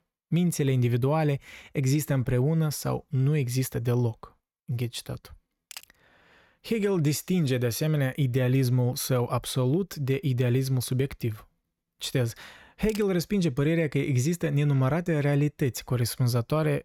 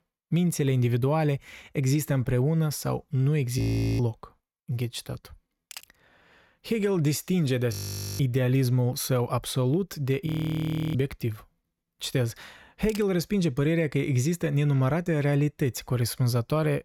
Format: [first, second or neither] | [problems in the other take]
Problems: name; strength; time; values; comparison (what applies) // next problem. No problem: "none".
first | audio freezing; at 3.5 s, at 7.5 s and at 10 s for 0.5 s